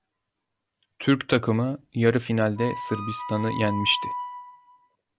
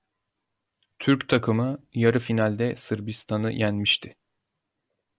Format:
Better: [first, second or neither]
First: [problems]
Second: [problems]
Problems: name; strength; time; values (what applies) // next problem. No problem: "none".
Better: second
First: background sound (Wind instrument, woodwind instrument); 7 dB below the speech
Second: none